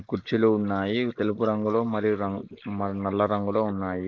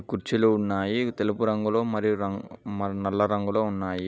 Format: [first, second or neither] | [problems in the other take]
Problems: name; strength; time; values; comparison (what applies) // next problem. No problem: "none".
second | noise reduction (neural mask model Resemble Enhance denoiser)